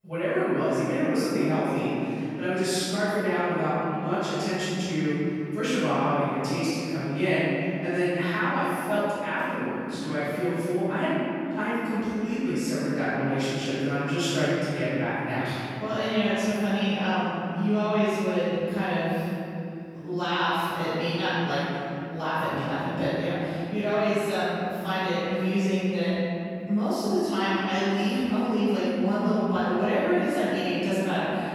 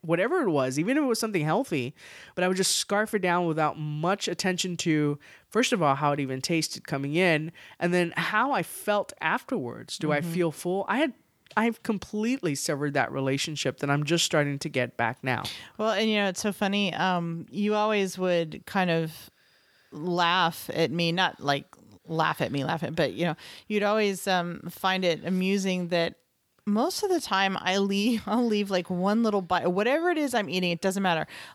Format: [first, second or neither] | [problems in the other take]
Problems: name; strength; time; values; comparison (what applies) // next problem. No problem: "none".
second | off-mic speech; far // room echo; strong; dies away in 3 s